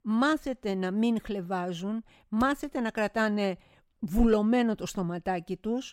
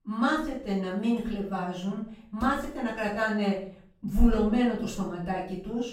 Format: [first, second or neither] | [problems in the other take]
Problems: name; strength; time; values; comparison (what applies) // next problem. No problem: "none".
first | room echo; noticeable; dies away in 0.5 s // off-mic speech; far